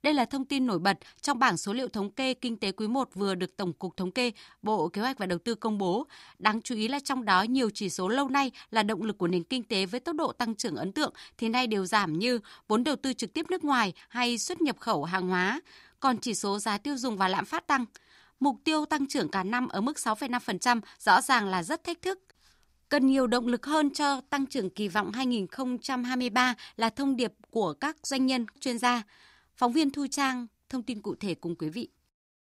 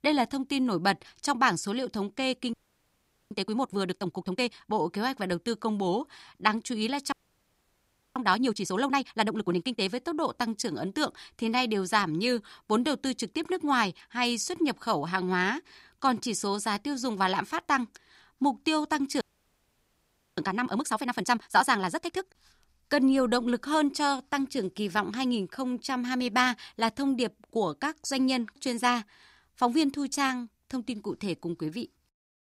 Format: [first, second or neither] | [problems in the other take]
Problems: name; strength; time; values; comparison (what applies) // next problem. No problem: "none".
first | audio freezing; at 2.5 s for 1 s, at 7 s for 1 s and at 19 s for 1 s